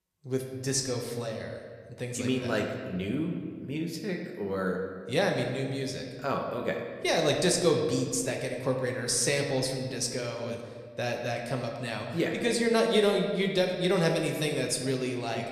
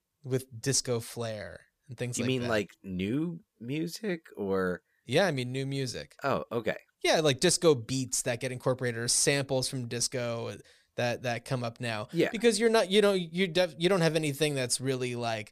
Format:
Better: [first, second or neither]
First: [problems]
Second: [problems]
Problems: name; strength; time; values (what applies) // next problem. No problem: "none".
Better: second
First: room echo; slight; dies away in 1.5 s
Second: none